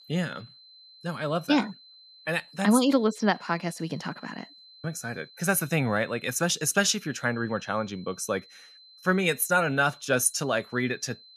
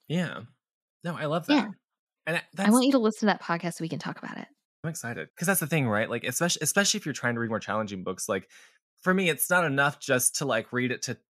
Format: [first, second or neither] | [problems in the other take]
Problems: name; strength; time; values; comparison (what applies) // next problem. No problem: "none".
second | high-pitched whine; faint; throughout; 4 kHz, 25 dB below the speech